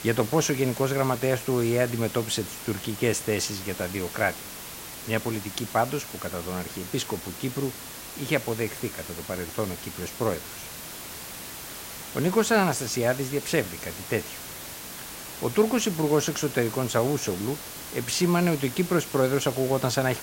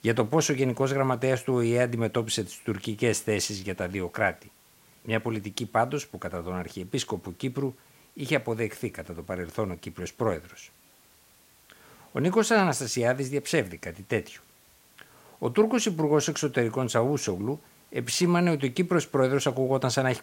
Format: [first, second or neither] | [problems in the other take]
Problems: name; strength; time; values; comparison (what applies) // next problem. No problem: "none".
second | hiss; loud; throughout; 10 dB below the speech; faint in the second